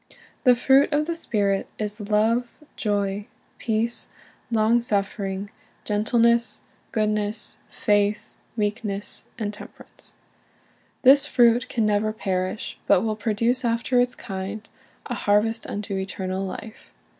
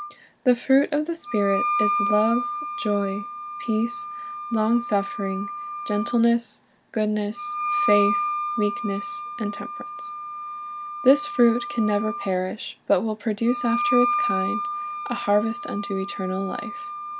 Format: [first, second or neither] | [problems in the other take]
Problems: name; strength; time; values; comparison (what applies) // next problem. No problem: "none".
first | background sound (Wind instrument, woodwind instrument); 4 dB below the speech